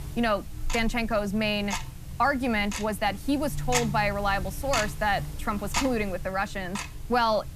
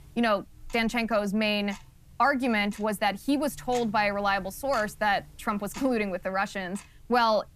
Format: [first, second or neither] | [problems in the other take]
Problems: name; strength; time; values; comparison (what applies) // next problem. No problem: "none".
second | household noises; loud; throughout; 7 dB below the speech; faint in the second